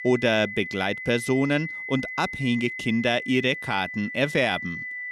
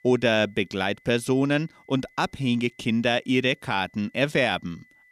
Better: second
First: high-pitched whine; loud; throughout; 2 kHz, 8 dB below the speech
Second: high-pitched whine; faint; throughout; 2 kHz, 30 dB below the speech

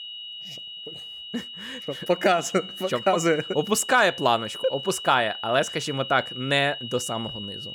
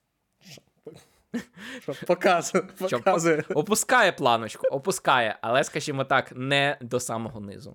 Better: second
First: high-pitched whine; noticeable; throughout; 3 kHz, 10 dB below the speech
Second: none

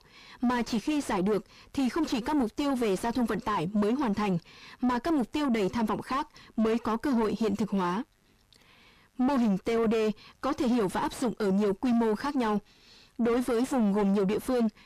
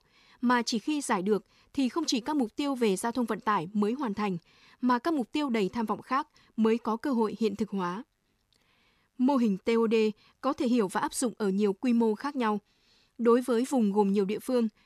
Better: second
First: distortion; heavy; 5 dB below the speech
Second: none

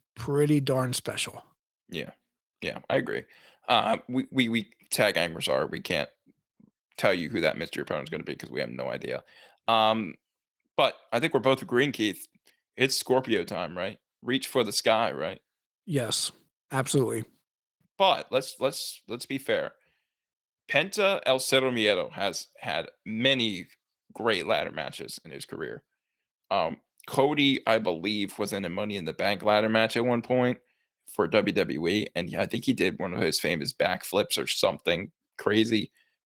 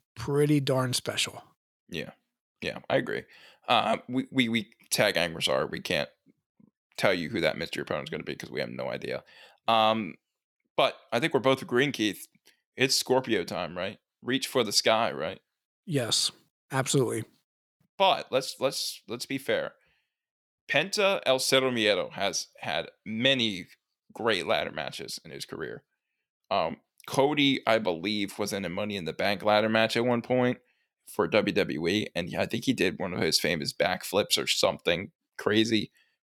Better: second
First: garbled, watery; slightly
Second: none

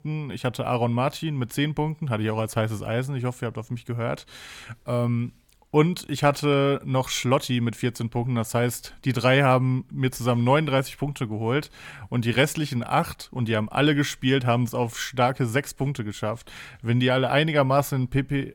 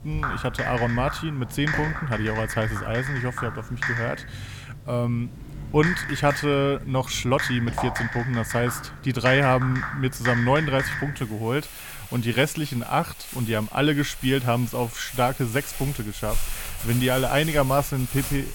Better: first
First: none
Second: household noises; loud; throughout; 6 dB below the speech

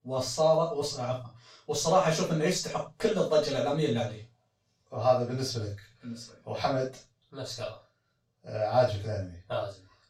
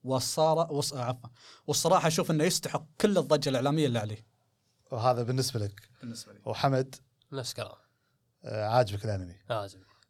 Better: second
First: room echo; noticeable; dies away in 0.2 s // off-mic speech; far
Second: none

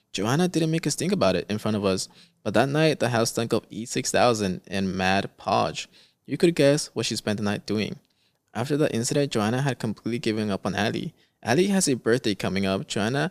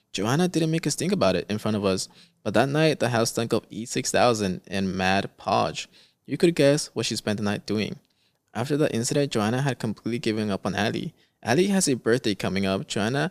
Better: neither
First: none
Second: none

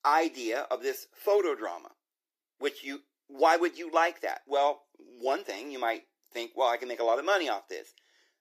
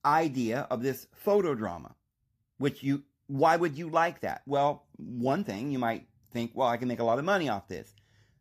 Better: second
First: thin; very; fading below 350 Hz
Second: none

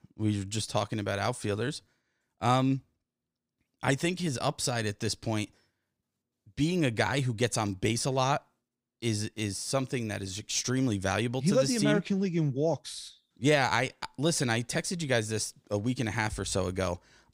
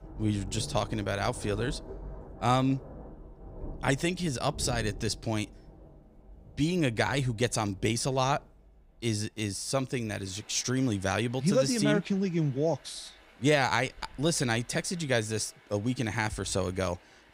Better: first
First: none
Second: rain or running water; noticeable; throughout; 20 dB below the speech

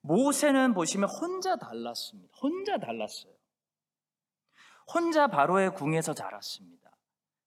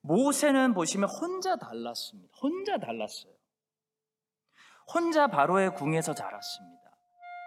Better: first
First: none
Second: background music; faint; throughout; 20 dB below the speech

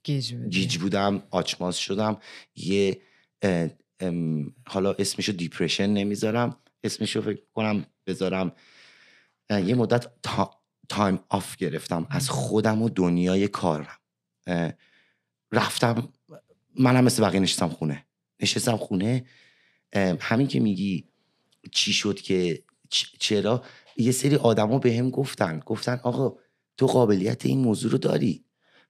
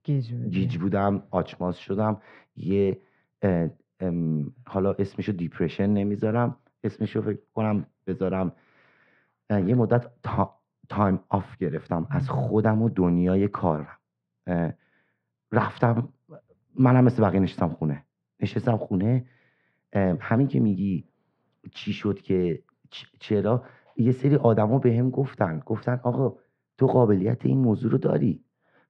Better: first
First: none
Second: muffled; very; fading above 1.5 kHz

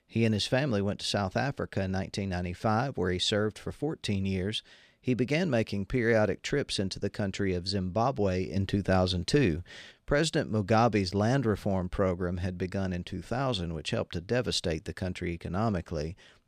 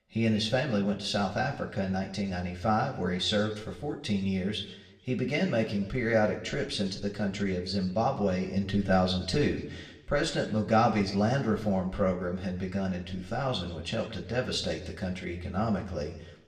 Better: first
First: none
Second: room echo; slight; dies away in 0.9 s // off-mic speech; somewhat distant

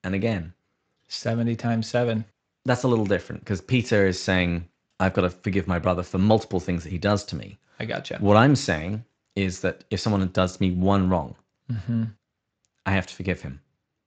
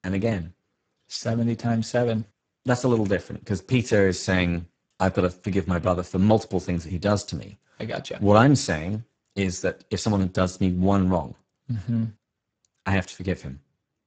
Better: first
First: garbled, watery; slightly; nothing above 7.5 kHz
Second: garbled, watery; badly; nothing above 8 kHz

